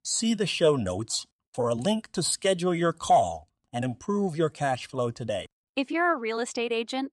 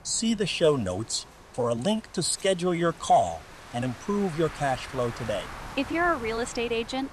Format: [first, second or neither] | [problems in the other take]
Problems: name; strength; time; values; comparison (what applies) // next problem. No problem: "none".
first | wind noise on the microphone; occasional gusts; 15 dB below the speech